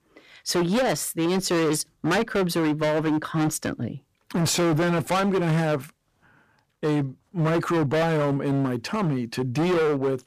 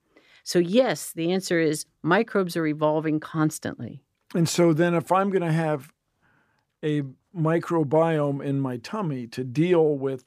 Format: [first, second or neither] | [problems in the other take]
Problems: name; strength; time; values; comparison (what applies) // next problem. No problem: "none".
second | distortion; heavy; 23% of the sound clipped